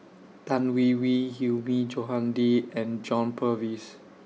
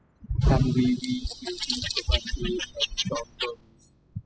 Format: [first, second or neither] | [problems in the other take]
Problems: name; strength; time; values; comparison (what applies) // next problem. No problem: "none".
first | noise reduction (classical method spectral subtraction)